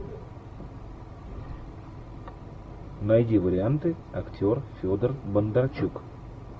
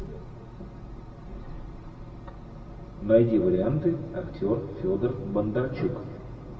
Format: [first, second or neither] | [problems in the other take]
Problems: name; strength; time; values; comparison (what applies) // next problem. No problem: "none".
first | room echo; dies away in 2.3 s